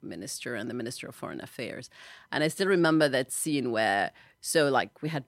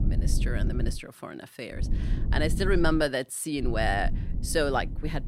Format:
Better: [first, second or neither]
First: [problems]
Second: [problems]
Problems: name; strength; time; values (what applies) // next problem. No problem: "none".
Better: first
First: none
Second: low rumble; noticeable; at the start, from 2 to 3 s and from 3.5 s on; 15 dB below the speech